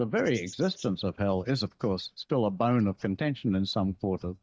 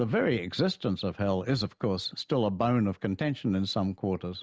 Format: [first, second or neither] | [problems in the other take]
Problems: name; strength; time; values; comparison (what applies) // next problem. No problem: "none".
second | noise reduction (neural mask model DeepFilterNet 3)